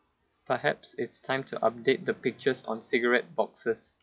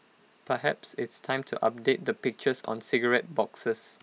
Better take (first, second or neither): second